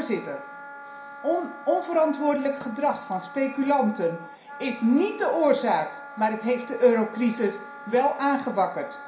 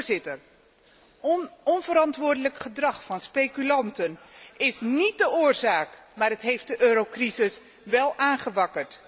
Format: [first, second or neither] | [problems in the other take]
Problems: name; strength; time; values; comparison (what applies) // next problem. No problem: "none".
second | background sound (Wind instrument, woodwind instrument); 16 dB below the speech // room echo; dies away in 0.5 s